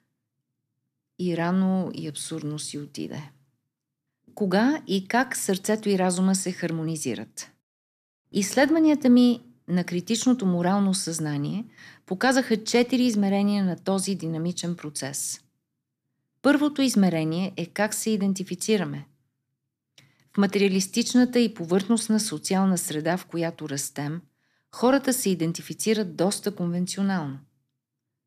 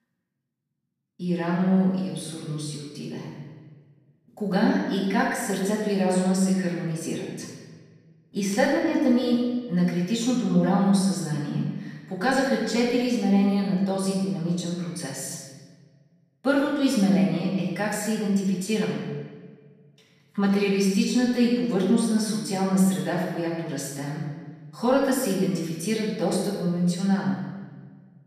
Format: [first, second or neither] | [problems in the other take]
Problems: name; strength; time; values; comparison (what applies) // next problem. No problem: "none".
first | off-mic speech; far // room echo; noticeable; dies away in 1.3 s